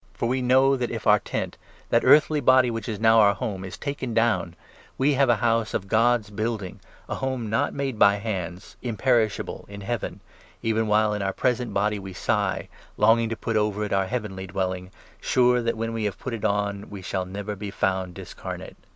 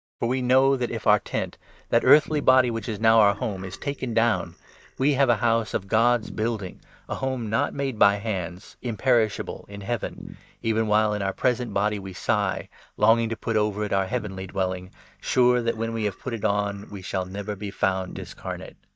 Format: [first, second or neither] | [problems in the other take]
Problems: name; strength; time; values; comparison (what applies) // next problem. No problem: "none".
first | noise reduction (neural mask model DeepFilterNet 3)